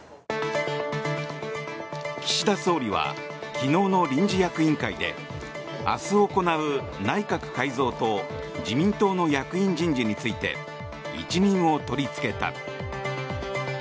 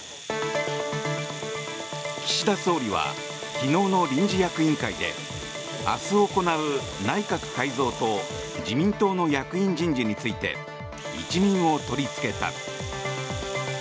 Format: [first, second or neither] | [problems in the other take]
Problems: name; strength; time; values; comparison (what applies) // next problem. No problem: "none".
first | background sound (Domestic sounds, home sounds); 14 dB below the speech